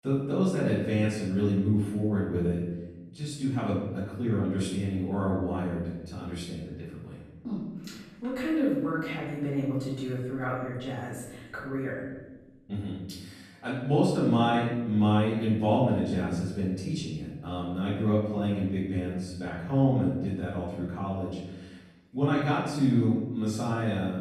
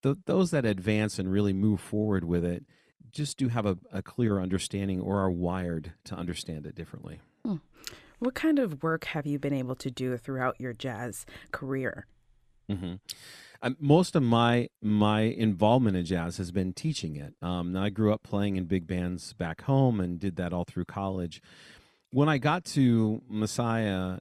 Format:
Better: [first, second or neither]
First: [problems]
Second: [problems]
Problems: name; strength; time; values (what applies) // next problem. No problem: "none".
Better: second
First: off-mic speech; far // room echo; noticeable; dies away in 1.1 s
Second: none